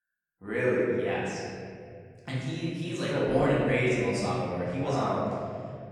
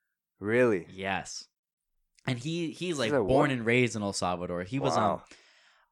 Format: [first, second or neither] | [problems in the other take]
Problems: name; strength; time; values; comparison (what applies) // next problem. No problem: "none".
second | room echo; strong; dies away in 2.8 s // off-mic speech; far